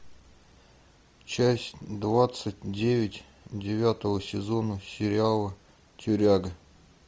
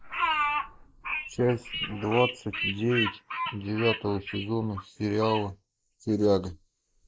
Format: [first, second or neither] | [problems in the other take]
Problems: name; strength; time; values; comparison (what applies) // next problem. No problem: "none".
first | noise reduction (neural mask model Resemble Enhance denoiser)